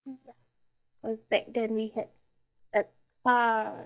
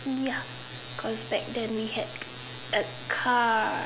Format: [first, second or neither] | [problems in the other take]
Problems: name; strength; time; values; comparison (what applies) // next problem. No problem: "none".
second | noise reduction (neural mask model DeepFilterNet 3)